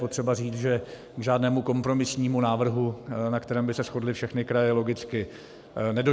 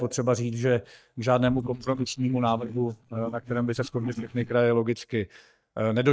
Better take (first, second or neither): first